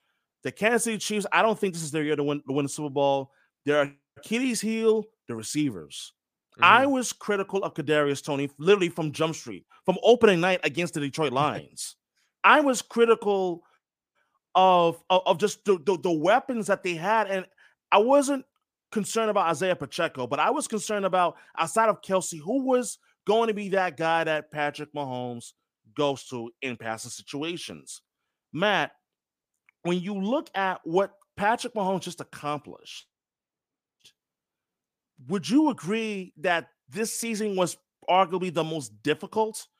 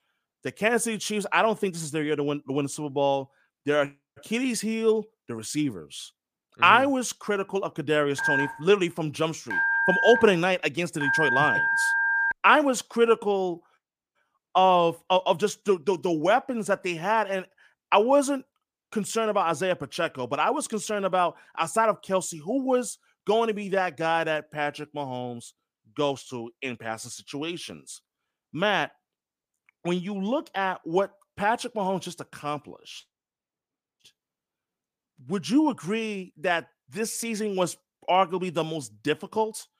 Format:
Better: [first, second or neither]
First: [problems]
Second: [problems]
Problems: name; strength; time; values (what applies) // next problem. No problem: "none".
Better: first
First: none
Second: phone ringing; loud; from 8 to 12 s; peak 4 dB above the speech